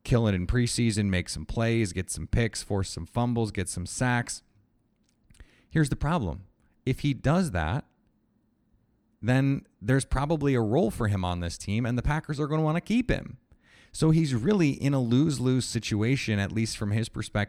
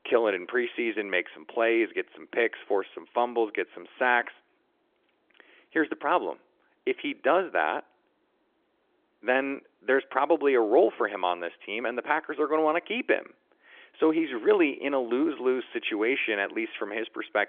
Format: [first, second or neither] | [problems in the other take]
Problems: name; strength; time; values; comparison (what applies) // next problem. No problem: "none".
first | phone-call audio; nothing above 3.5 kHz